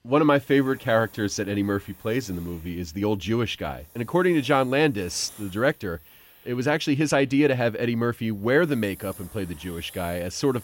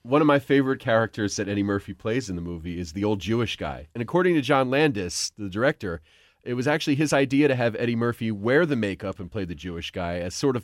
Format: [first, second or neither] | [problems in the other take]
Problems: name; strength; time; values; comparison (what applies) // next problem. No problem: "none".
second | hiss; faint; throughout; 25 dB below the speech